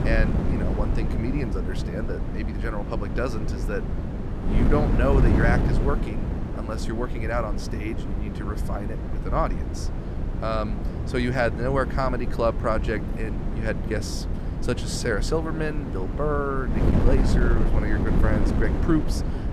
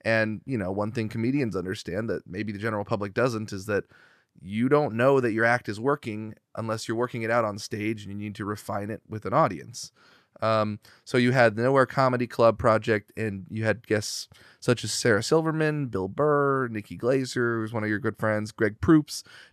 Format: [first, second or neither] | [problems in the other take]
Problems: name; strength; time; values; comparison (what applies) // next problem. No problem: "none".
second | wind noise on the microphone; heavy; 6 dB below the speech